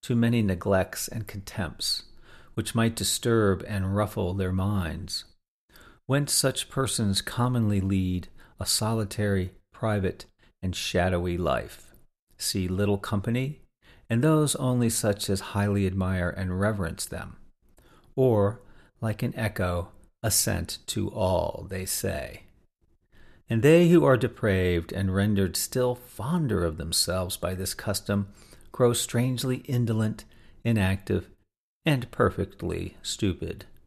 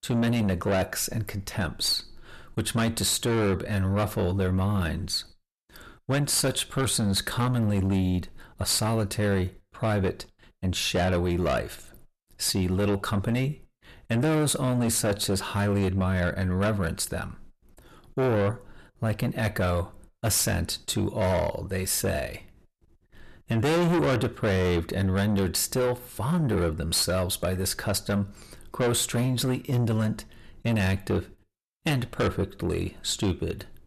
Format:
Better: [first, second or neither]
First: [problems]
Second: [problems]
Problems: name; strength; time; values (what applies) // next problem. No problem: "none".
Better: first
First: none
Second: distortion; heavy; 7 dB below the speech